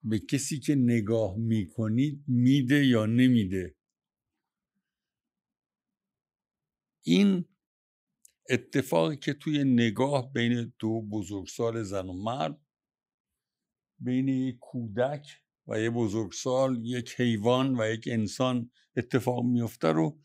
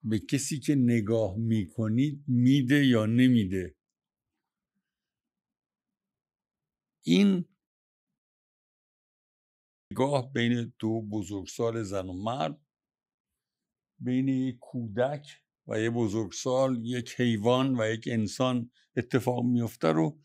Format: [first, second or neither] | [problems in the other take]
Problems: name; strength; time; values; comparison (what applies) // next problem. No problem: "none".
first | audio cutting out; at 8 s for 1.5 s